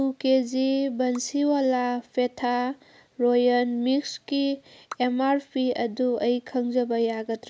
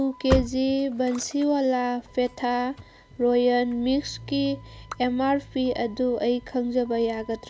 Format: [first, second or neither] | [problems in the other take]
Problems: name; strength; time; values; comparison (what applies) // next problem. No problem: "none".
first | background sound (Slam / Engine starting); 13 dB below the speech